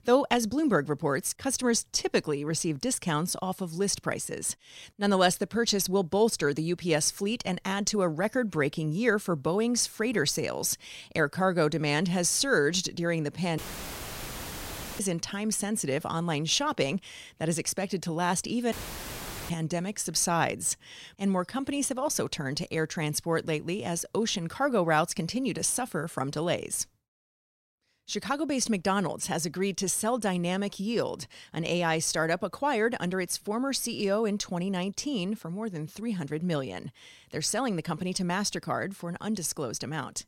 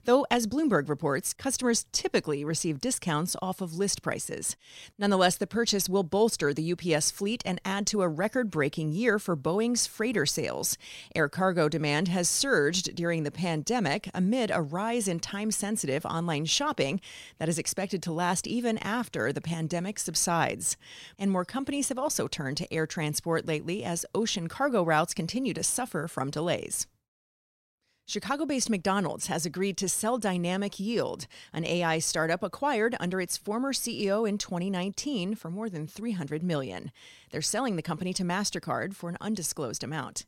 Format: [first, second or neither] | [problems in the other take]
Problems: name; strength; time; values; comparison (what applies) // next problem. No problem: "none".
second | audio cutting out; filled with static; at 14 s for 1.5 s and at 19 s for 1 s